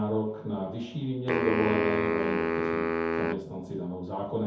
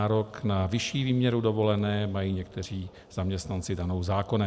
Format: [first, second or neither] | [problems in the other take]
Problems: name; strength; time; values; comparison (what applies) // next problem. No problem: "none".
second | background sound (Wind instrument, woodwind instrument); 1 dB above the speech // room echo; dies away in 0.6 s